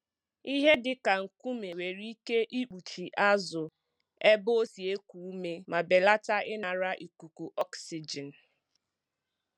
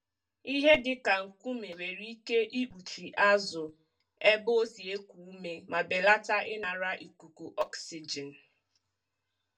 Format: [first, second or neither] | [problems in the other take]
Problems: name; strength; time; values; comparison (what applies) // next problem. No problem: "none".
first | room echo; dies away in 0.2 s